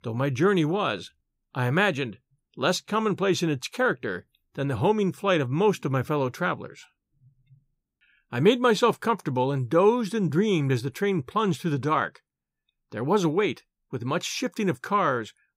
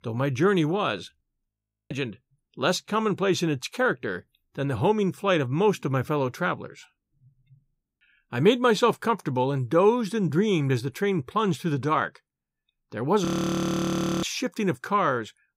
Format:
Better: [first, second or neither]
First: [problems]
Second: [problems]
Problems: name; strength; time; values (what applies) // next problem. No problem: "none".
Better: first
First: none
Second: audio freezing; at 1.5 s and at 13 s for 1 s